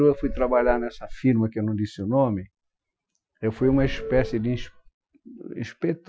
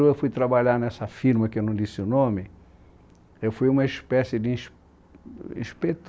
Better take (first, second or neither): second